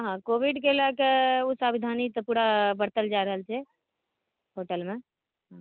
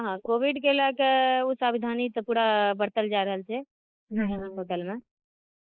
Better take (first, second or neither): first